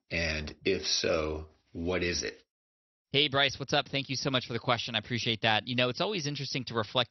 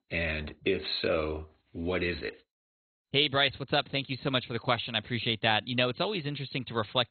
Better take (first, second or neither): first